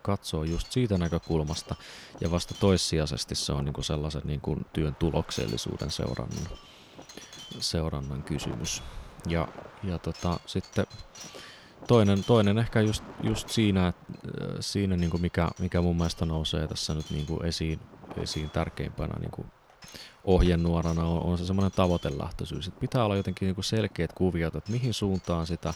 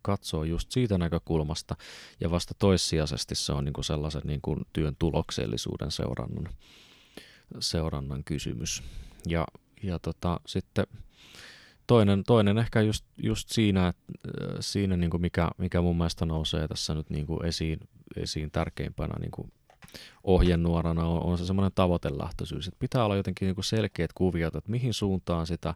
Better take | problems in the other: second | wind noise on the microphone; occasional gusts; 15 dB below the speech

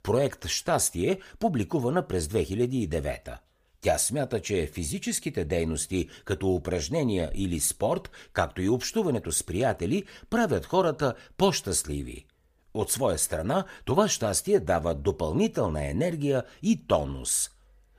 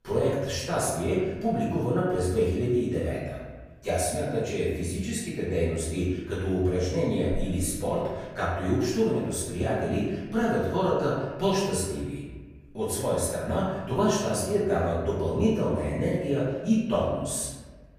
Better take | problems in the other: first | room echo; noticeable; dies away in 1.3 s // off-mic speech; far

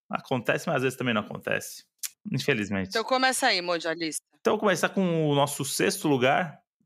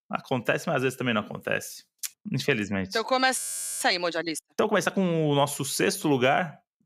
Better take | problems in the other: first | audio freezing; at 3.5 s

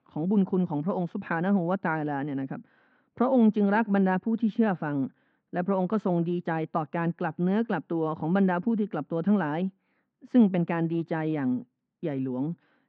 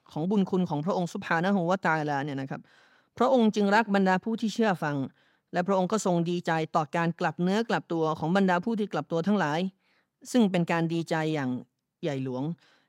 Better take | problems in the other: second | muffled; very; fading above 2.5 kHz

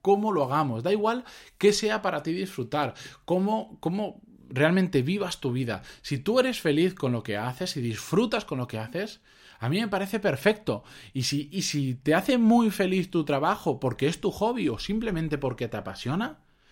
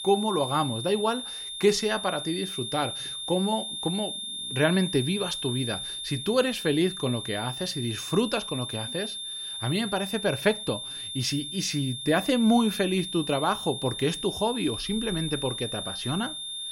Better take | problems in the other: first | high-pitched whine; loud; throughout; 3.5 kHz, 5 dB below the speech

